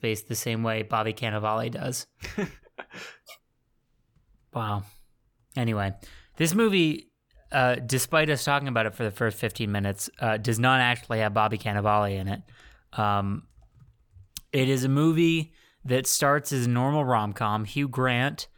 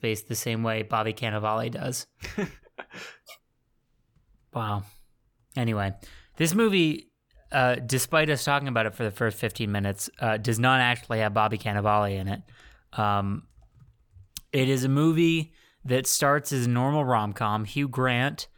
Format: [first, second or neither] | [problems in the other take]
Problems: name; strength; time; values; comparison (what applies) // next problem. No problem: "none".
neither | none